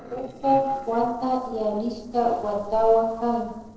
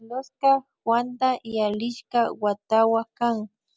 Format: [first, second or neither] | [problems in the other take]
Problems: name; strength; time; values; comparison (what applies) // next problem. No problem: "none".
second | noise reduction (neural separator model SepFormer DNS4)